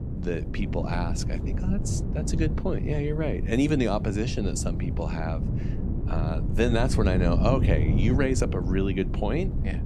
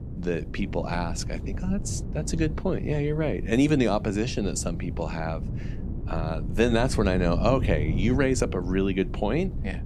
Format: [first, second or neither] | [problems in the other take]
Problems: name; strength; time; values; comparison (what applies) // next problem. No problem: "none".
second | wind noise on the microphone; heavy; 8 dB below the speech; occasional gusts in the second